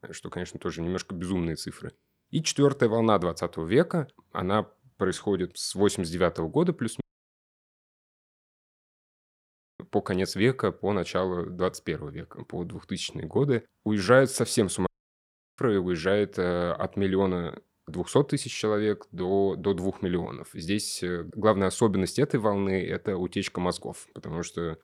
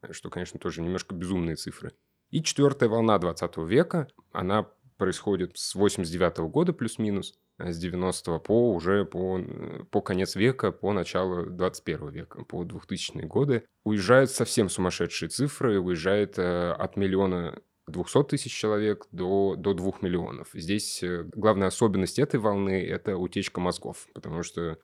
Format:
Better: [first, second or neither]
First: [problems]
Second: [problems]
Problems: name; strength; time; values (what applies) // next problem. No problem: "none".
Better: second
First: audio cutting out; at 7 s for 3 s and at 15 s for 0.5 s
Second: none